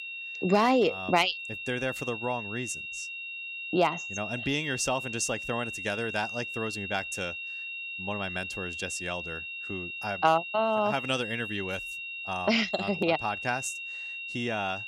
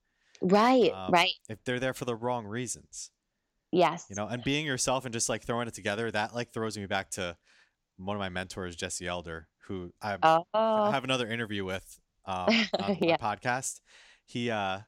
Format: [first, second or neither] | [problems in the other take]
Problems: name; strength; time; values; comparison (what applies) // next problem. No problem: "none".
second | high-pitched whine; loud; throughout; 2.5 kHz, 5 dB below the speech